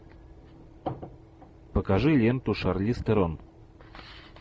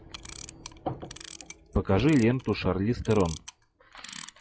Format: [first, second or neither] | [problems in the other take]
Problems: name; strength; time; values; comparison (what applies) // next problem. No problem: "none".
first | noise reduction (classical method log-MMSE)